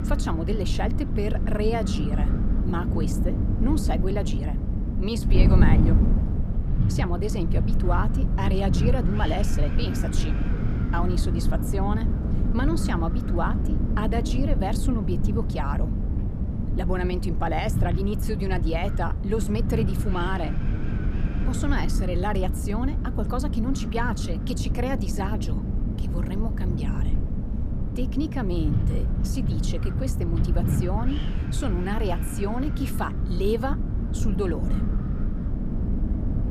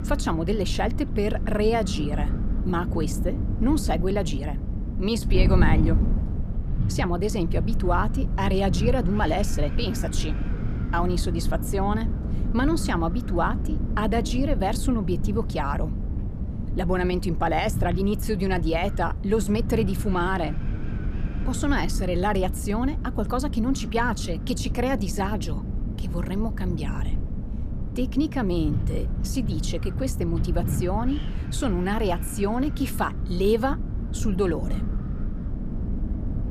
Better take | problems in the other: second | wind noise on the microphone; heavy; 5 dB below the speech; occasional gusts in the second

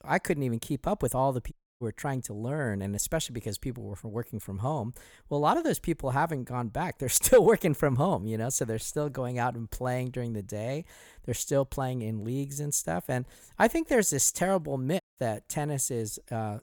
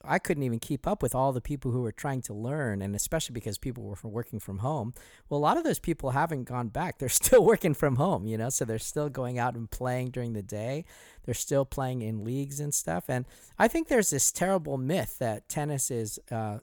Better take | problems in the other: second | audio cutting out; at 1.5 s and at 15 s

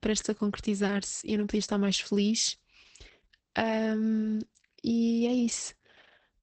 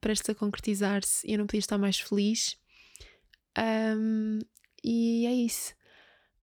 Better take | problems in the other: second | garbled, watery; badly; nothing above 8 kHz

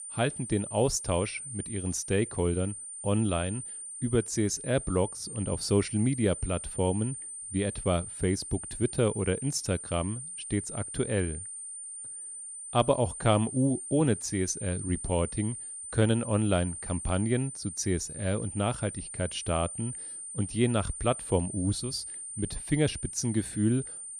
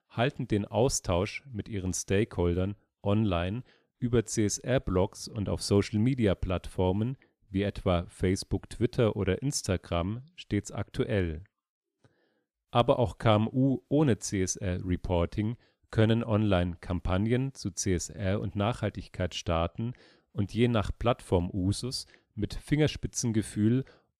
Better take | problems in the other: second | high-pitched whine; loud; throughout; 9 kHz, 8 dB below the speech

